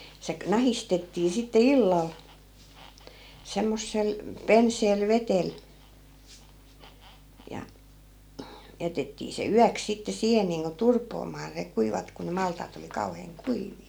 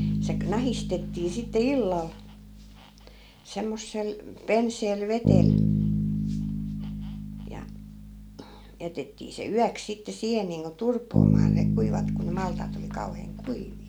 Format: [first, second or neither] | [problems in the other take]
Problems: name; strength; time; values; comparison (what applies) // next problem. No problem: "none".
first | background sound (Bass guitar); 3 dB above the speech